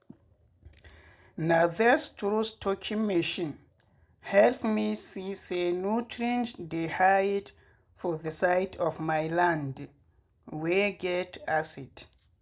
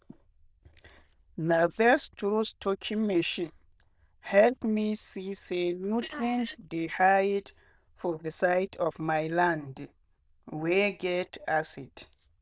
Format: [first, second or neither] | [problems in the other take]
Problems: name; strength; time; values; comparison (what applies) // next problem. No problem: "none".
first | noise reduction (neural diffusion model UNIVERSE++)